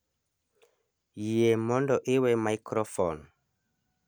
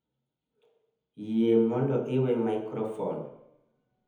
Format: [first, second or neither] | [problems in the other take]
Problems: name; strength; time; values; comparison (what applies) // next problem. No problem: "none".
first | room echo; dies away in 1 s